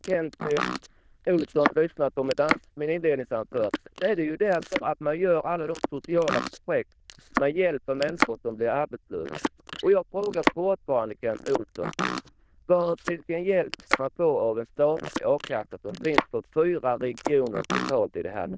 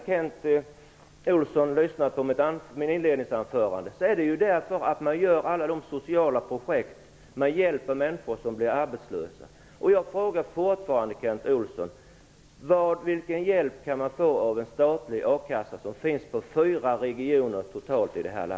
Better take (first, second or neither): second